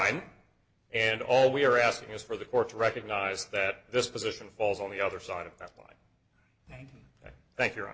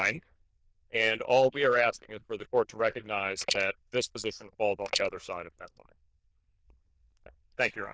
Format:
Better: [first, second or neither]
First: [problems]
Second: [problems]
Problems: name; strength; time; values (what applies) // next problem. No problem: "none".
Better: first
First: none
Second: noise reduction (neural diffusion model UNIVERSE++)